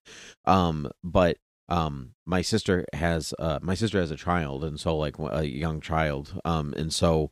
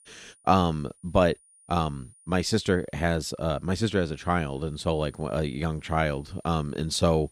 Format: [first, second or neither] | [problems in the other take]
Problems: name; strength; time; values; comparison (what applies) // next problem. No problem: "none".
first | high-pitched whine; faint; throughout; 9.5 kHz, 30 dB below the speech